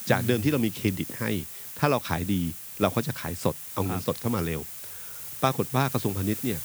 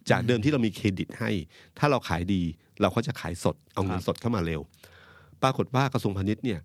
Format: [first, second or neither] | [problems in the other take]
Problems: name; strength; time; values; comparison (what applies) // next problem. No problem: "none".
second | hiss; loud; throughout; 8 dB below the speech